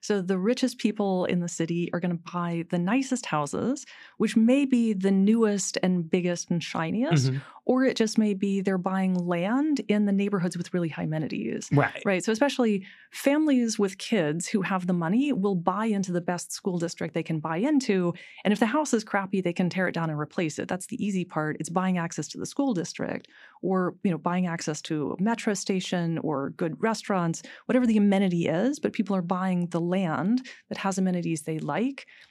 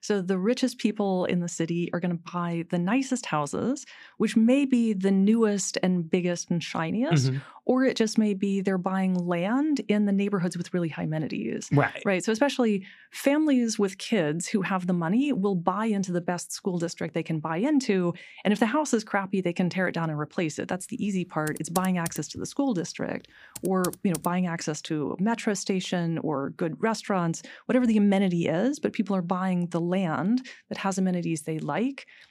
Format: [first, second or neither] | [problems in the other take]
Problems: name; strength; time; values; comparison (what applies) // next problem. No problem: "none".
first | keyboard typing; noticeable; from 21 to 24 s; peak 9 dB below the speech